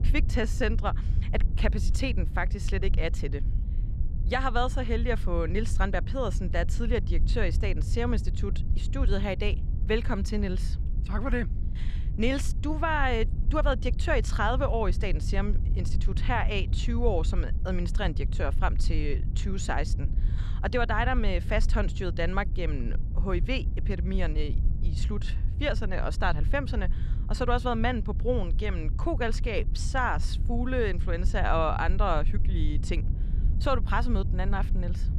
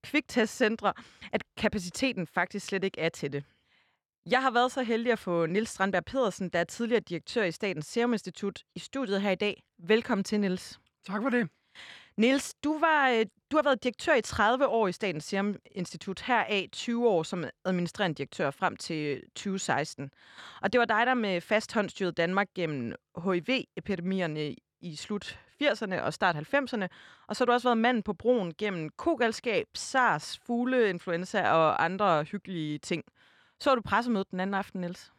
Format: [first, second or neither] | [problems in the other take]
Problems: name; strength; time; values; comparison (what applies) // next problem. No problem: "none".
second | low rumble; noticeable; throughout; 15 dB below the speech